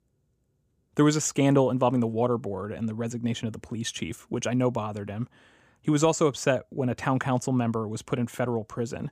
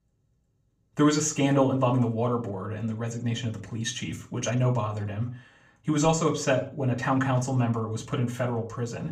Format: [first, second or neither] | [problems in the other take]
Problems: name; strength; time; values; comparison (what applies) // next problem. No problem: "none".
first | room echo; very slight; dies away in 0.3 s // off-mic speech; far